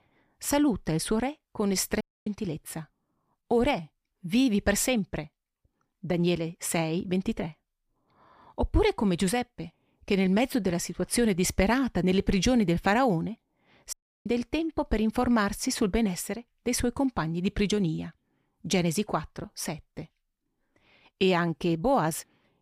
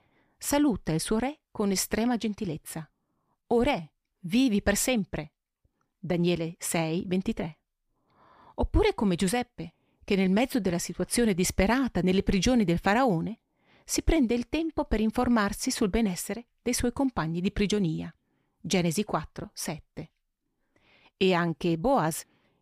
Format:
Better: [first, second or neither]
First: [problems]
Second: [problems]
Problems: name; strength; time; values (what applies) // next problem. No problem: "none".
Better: second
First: audio cutting out; at 2 s and at 14 s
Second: none